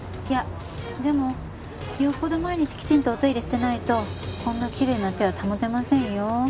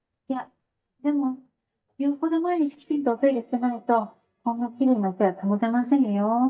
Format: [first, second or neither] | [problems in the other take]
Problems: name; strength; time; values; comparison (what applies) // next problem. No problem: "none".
first | noise reduction (neural mask model DeepFilterNet 3)